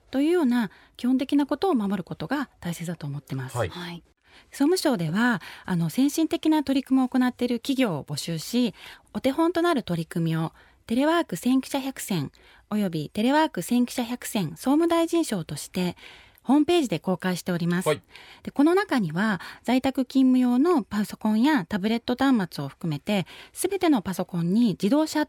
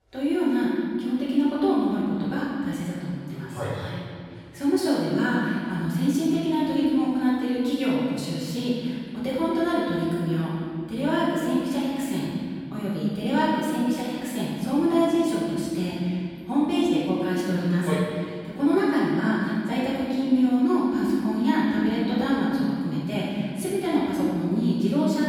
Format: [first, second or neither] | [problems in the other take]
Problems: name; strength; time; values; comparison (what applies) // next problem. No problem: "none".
first | room echo; strong; dies away in 2.2 s // off-mic speech; far